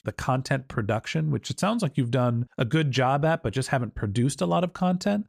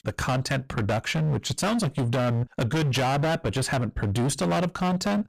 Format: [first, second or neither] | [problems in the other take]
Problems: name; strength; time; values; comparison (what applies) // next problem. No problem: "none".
first | distortion; heavy; 32% of the sound clipped